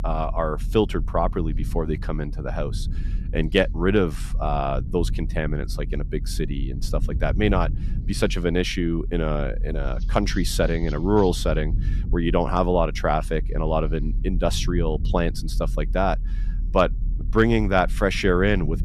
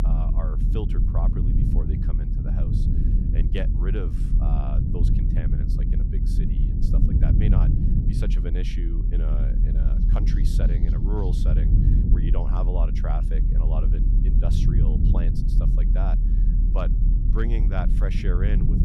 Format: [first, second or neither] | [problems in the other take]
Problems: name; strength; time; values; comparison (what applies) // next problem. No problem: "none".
first | low rumble; loud; throughout; as loud as the speech; faint in the first